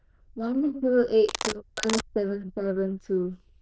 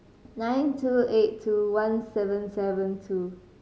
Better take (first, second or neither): second